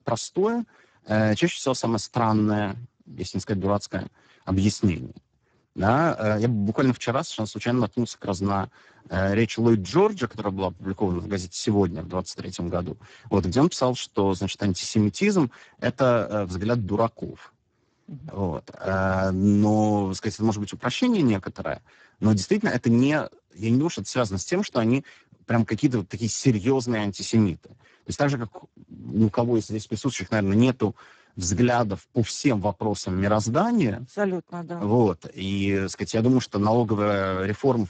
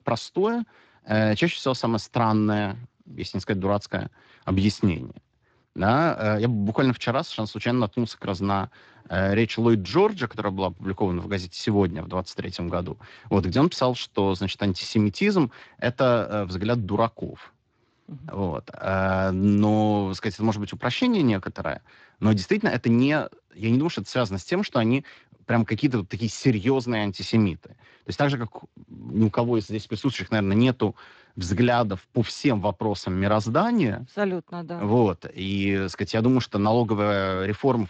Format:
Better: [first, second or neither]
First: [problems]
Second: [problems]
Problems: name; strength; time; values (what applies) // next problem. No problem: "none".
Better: second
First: garbled, watery; badly; nothing above 7.5 kHz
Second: garbled, watery; slightly; nothing above 7.5 kHz